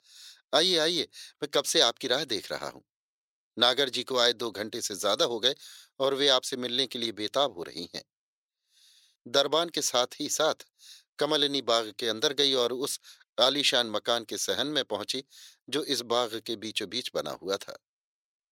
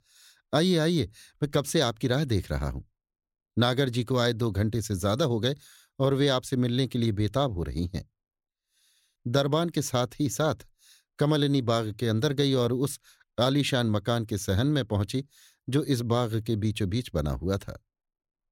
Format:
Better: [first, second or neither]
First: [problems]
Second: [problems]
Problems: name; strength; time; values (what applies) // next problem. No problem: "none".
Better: second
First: thin; somewhat; fading below 500 Hz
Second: none